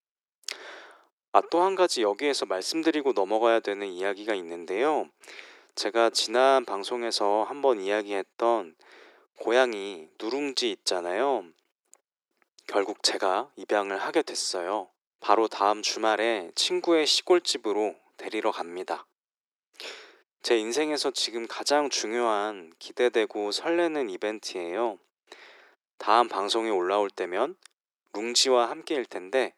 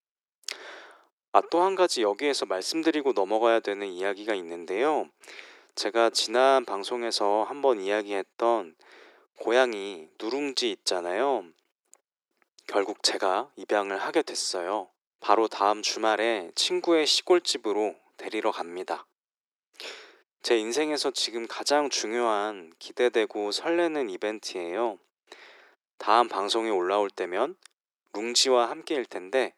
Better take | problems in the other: neither | thin; very; fading below 350 Hz; the same in both

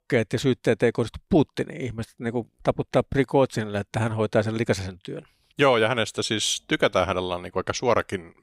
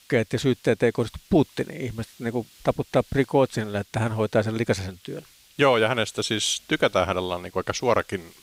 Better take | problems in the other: first | hiss; faint; throughout; 25 dB below the speech

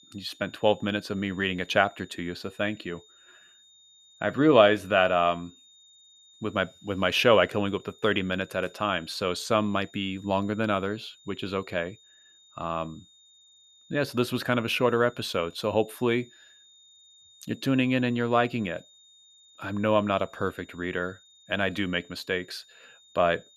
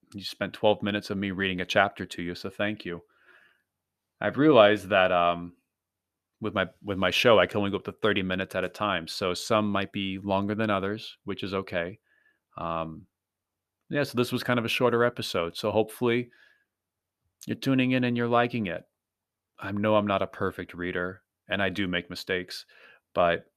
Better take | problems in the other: second | high-pitched whine; faint; throughout; 3.5 kHz, 25 dB below the speech

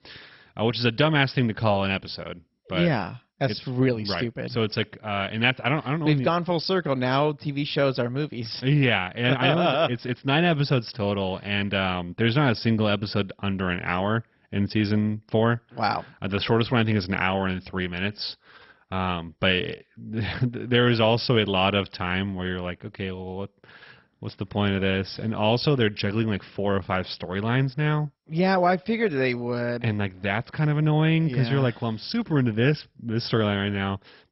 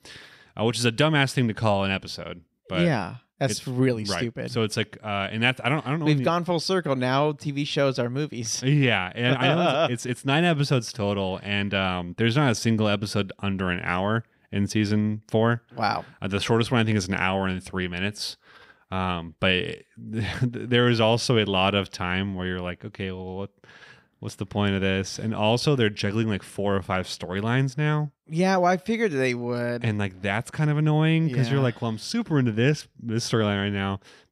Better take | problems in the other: second | garbled, watery; badly; nothing above 5.5 kHz

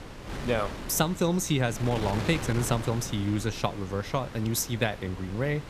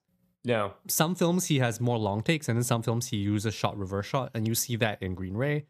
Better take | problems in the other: second | wind noise on the microphone; heavy; 9 dB below the speech

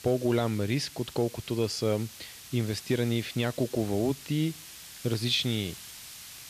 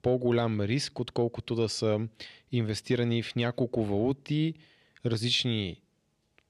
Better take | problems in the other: second | hiss; noticeable; throughout; 15 dB below the speech

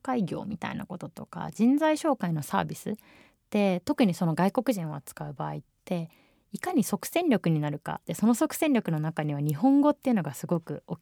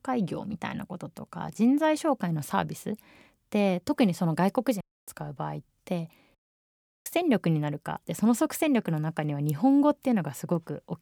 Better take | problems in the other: first | audio cutting out; at 5 s and at 6.5 s for 0.5 s

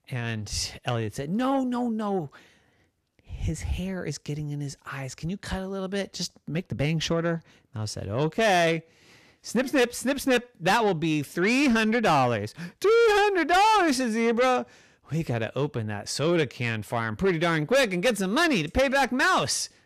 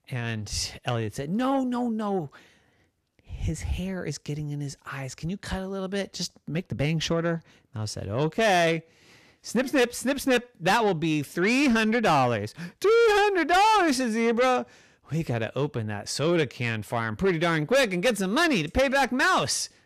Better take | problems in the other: neither | distortion; heavy; 7 dB below the speech; the same in both

